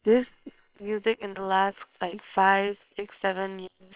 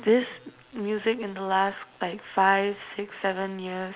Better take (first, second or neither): second